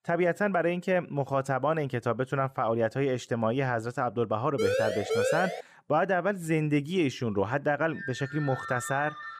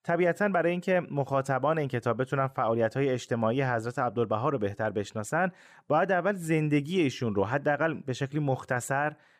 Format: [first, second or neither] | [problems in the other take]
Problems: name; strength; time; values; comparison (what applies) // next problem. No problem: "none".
second | siren; loud; from 4.5 to 5.5 s; peak 1 dB above the speech // phone ringing; noticeable; from 8 s on; peak 9 dB below the speech